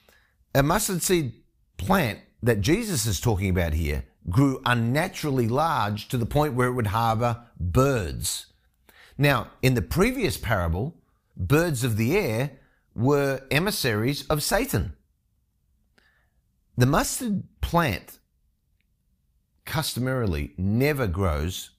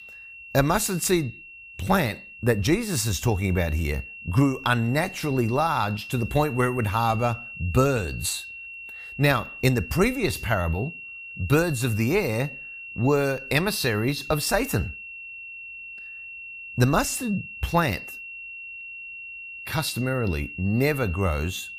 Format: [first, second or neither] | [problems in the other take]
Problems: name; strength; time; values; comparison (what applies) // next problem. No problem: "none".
first | high-pitched whine; noticeable; throughout; 2.5 kHz, 10 dB below the speech